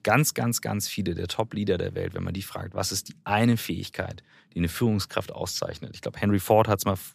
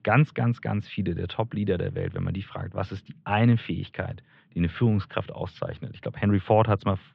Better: first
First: none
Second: muffled; very; fading above 3 kHz

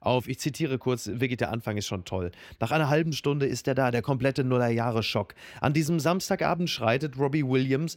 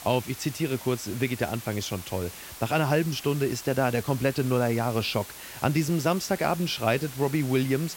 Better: first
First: none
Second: hiss; noticeable; throughout; 15 dB below the speech

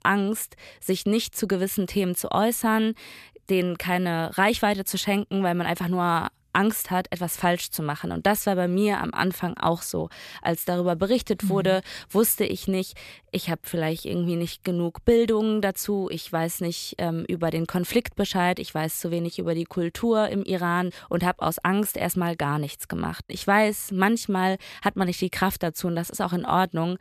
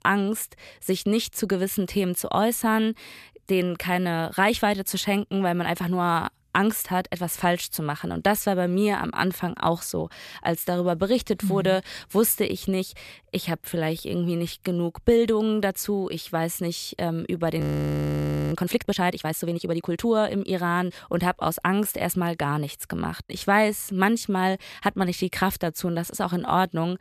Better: first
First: none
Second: audio freezing; at 18 s for 1 s

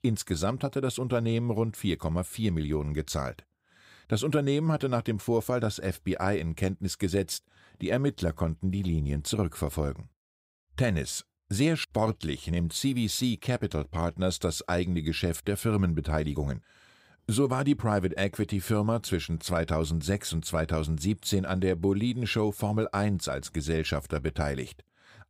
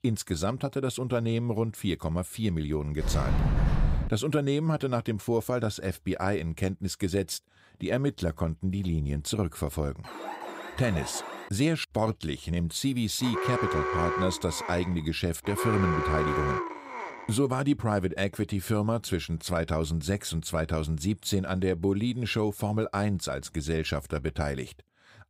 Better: first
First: none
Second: door banging; loud; from 3 to 4 s; peak 3 dB above the speech // alarm; noticeable; from 10 to 11 s; peak 8 dB below the speech // alarm; loud; from 13 to 17 s; peak 1 dB above the speech

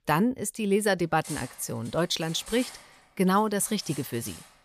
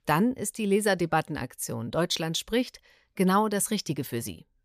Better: second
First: clattering dishes; faint; from 1 s on; peak 10 dB below the speech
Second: none

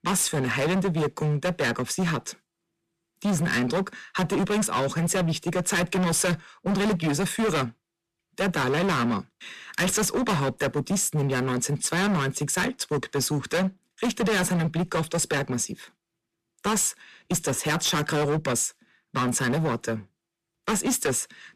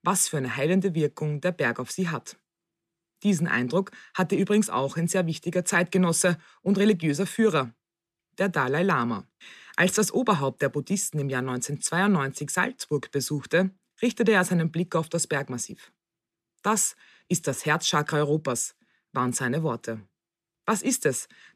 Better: second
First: distortion; heavy; 22% of the sound clipped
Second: none

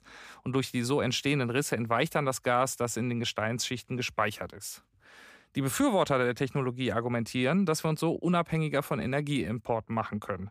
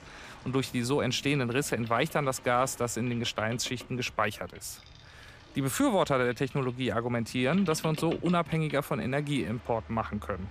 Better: first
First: none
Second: train or aircraft noise; noticeable; throughout; 20 dB below the speech

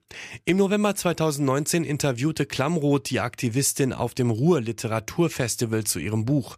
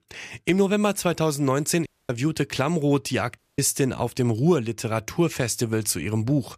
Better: first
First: none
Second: audio cutting out; at 2 s and at 3.5 s

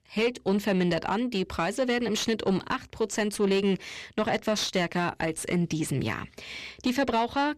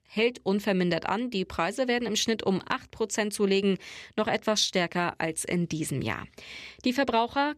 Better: second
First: distortion; slight; 10 dB below the speech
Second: none

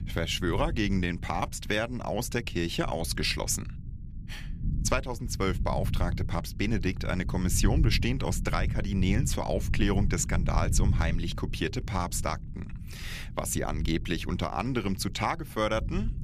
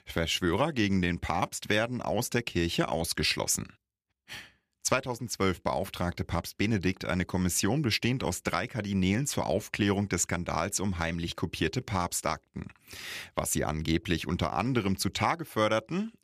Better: second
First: low rumble; noticeable; throughout; 15 dB below the speech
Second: none

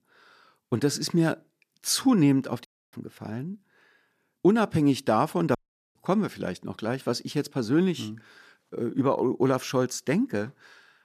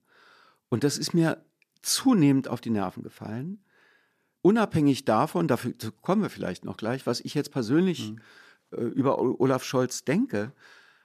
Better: second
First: audio cutting out; at 2.5 s and at 5.5 s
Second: none

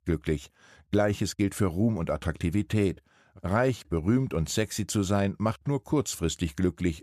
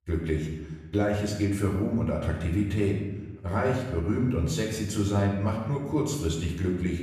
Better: first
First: none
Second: off-mic speech; far // room echo; noticeable; dies away in 1.1 s

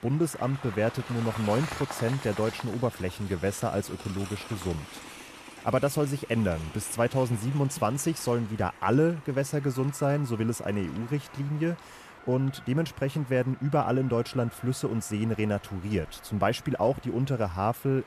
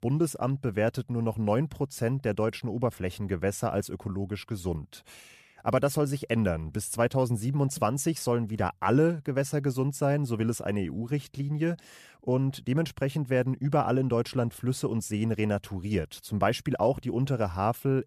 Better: second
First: train or aircraft noise; noticeable; throughout; 15 dB below the speech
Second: none

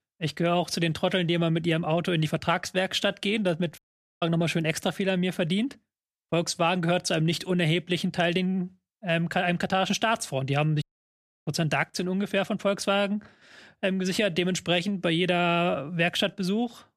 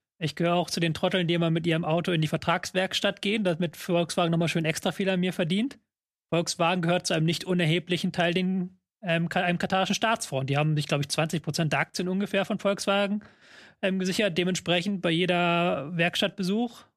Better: second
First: audio cutting out; at 4 s and at 11 s for 0.5 s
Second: none

